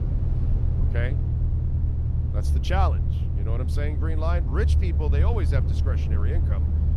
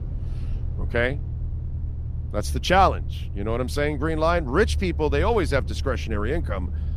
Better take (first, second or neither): second